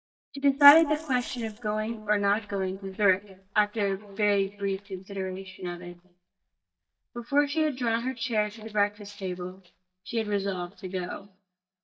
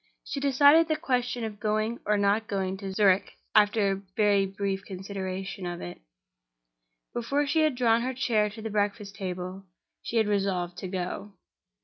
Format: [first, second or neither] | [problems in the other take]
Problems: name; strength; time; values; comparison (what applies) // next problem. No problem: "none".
second | noise reduction (neural mask model DeepFilterNet 3)